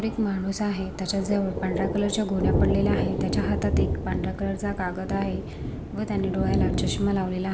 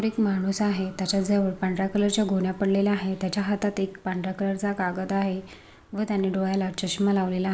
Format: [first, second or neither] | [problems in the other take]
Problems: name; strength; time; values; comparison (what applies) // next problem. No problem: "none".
second | background sound (Thunder); 1 dB below the speech